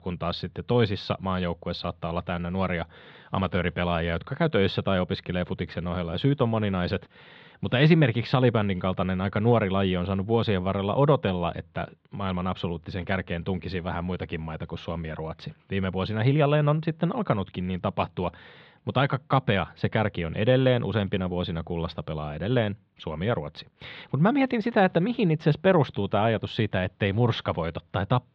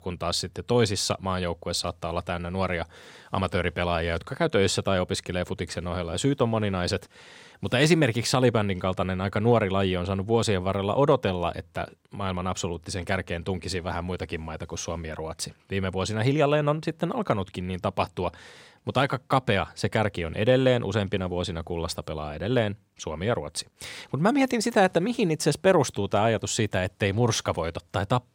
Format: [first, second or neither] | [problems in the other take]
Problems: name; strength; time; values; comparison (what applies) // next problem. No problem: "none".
second | muffled; slightly; fading above 3.5 kHz